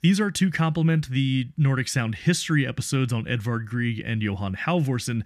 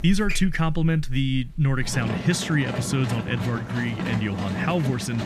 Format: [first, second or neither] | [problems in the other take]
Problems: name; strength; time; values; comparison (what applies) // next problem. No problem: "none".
first | animal sounds; loud; throughout; 7 dB below the speech